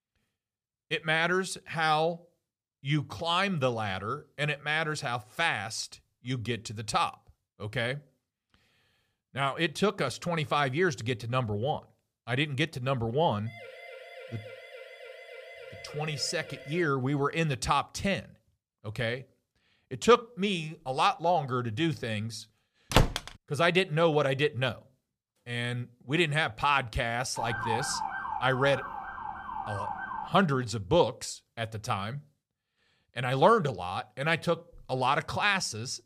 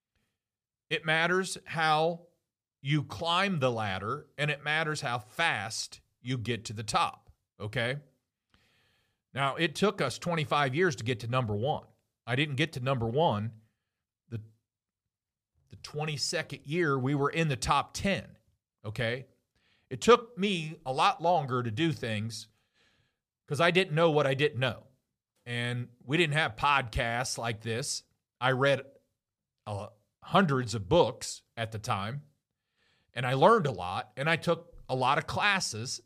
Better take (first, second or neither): second